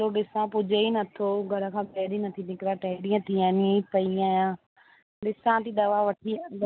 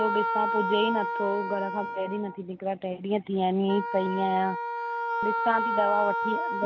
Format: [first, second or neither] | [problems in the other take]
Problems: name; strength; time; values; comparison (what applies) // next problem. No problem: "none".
first | background sound (Wind instrument, woodwind instrument); 2 dB below the speech